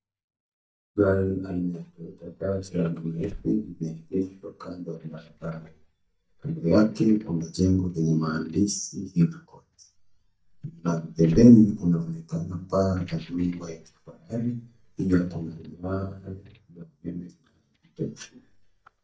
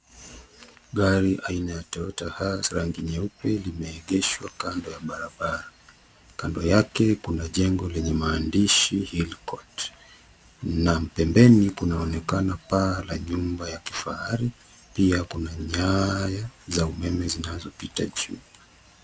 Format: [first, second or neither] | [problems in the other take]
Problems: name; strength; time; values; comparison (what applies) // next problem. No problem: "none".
second | noise reduction (neural mask model DeepFilterNet 3)